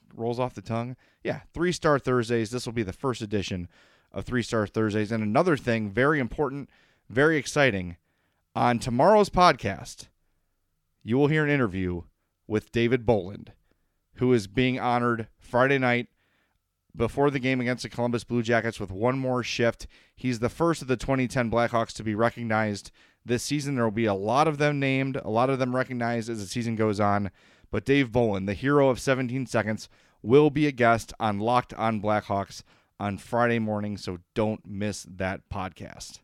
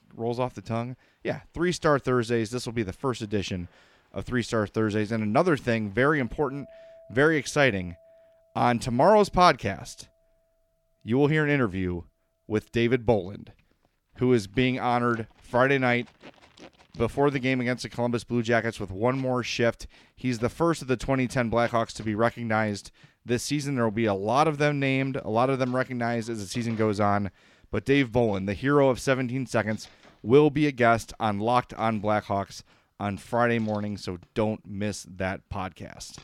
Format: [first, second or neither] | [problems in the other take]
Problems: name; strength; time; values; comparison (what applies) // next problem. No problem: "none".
first | household noises; faint; throughout; 30 dB below the speech